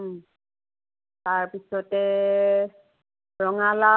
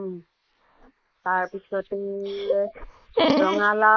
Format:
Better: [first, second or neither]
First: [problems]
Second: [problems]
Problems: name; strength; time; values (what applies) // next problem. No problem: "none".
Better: first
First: none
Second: noise reduction (neural mask model Resemble Enhance denoiser)